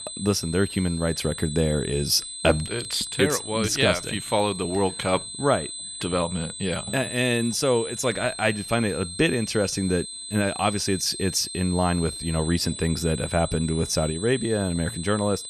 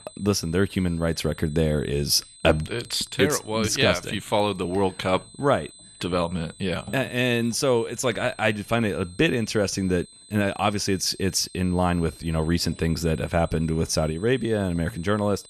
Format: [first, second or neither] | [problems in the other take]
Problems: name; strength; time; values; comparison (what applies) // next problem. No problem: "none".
second | high-pitched whine; loud; throughout; 8 kHz, 9 dB below the speech; faint in the second